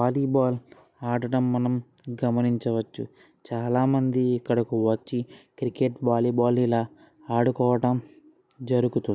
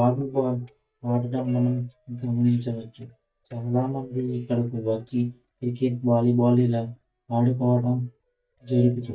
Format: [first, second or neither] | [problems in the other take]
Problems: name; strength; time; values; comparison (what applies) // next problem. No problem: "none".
first | noise reduction (neural mask model DeepFilterNet 3)